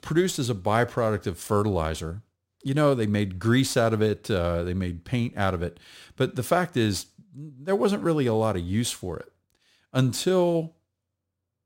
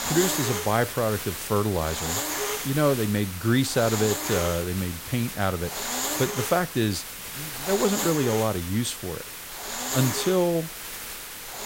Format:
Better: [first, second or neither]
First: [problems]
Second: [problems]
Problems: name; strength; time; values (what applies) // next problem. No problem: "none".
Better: first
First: none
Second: hiss; loud; throughout; 4 dB below the speech